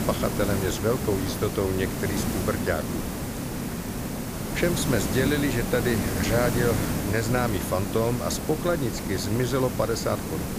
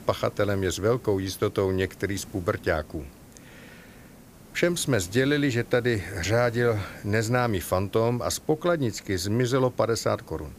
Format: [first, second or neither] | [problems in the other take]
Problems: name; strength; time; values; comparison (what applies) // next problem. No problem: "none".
second | hiss; loud; throughout; 2 dB below the speech; faint in the second